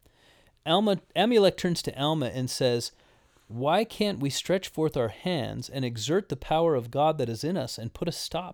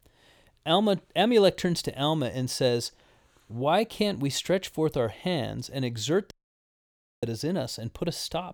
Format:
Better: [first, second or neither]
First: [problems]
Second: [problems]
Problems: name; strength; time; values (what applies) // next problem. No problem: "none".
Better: first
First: none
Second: audio cutting out; at 6.5 s for 1 s